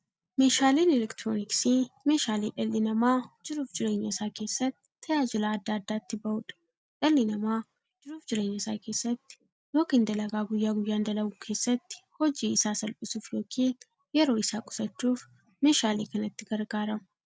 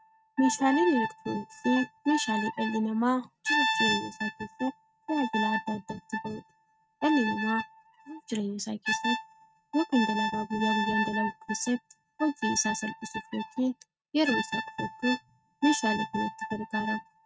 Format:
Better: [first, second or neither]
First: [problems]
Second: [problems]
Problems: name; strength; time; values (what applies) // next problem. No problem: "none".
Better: first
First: none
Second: noise reduction (neural mask model RNNoise)